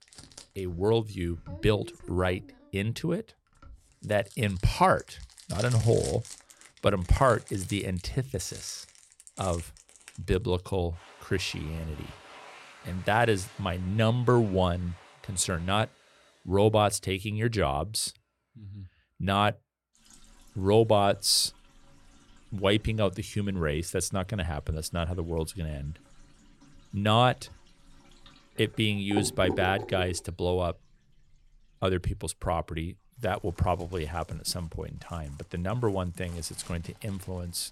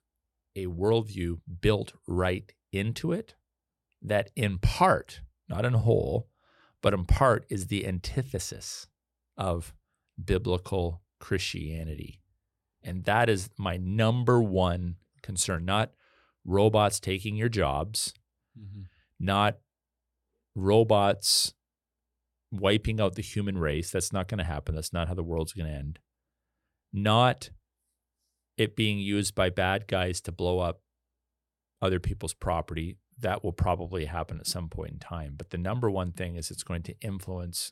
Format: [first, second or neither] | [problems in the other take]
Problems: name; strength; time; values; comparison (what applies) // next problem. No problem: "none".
second | household noises; noticeable; throughout; 15 dB below the speech